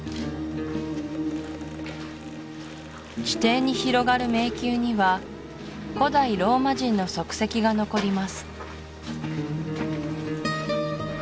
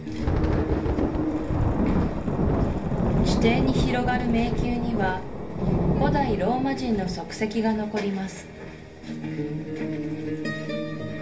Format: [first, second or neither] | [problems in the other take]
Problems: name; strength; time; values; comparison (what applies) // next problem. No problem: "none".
first | background sound (Thunder); 1 dB above the speech // room echo; dies away in 0.3 s